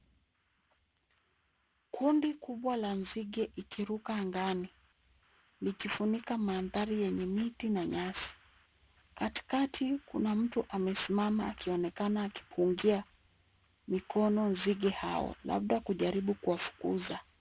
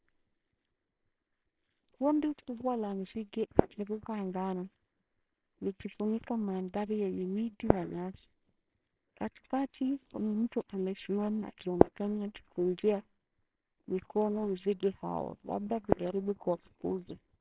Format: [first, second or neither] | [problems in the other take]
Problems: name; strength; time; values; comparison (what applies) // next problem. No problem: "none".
first | noise reduction (neural separator model SepFormer WHAMR!)